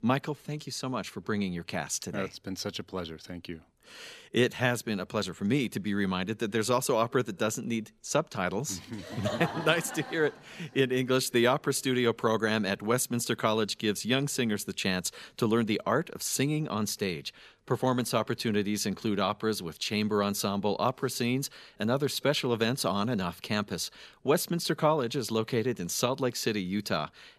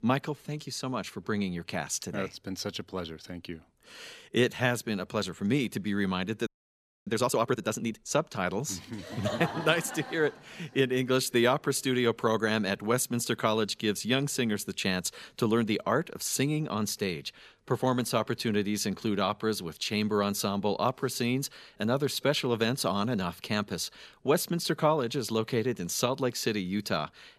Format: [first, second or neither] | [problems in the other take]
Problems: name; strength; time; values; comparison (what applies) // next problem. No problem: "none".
first | audio freezing; at 6.5 s for 0.5 s